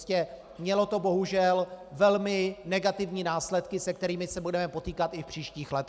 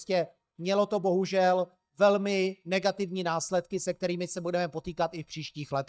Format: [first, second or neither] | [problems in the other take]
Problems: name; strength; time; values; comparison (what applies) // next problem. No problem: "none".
first | noise reduction (neural mask model DeepFilterNet 3)